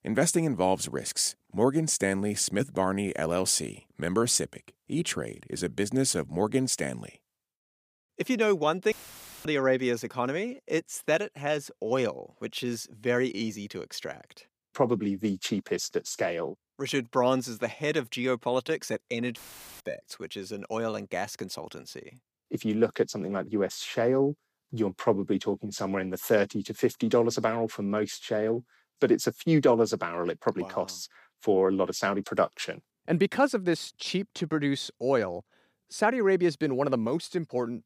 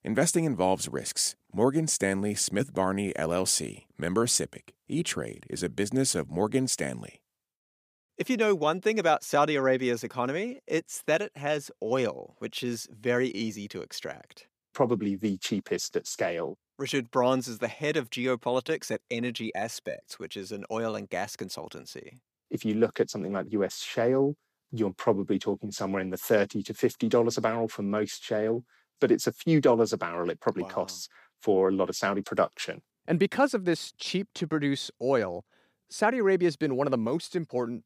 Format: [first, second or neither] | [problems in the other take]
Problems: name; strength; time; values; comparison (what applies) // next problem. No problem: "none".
second | audio cutting out; filled with static; at 9 s for 0.5 s and at 19 s